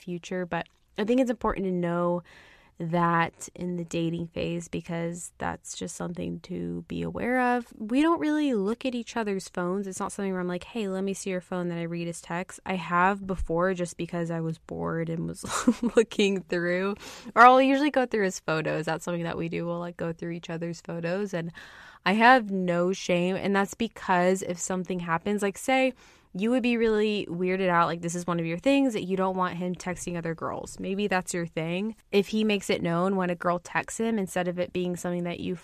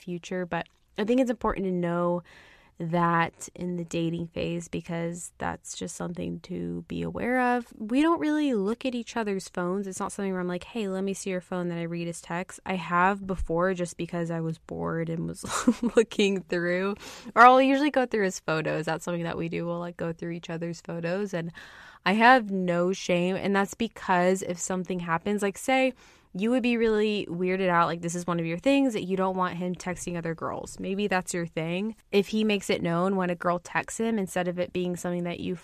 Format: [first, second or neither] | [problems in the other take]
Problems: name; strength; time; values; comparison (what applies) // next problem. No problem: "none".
neither | none